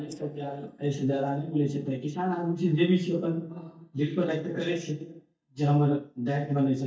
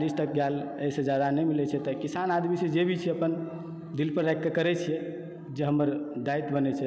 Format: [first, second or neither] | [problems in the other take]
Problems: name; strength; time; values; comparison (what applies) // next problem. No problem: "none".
second | noise reduction (neural mask model DeepFilterNet 3)